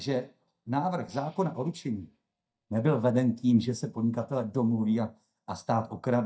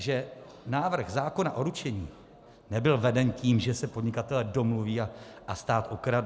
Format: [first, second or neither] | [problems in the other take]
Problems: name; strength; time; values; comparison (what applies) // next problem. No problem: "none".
second | noise reduction (neural mask model DeepFilterNet 3)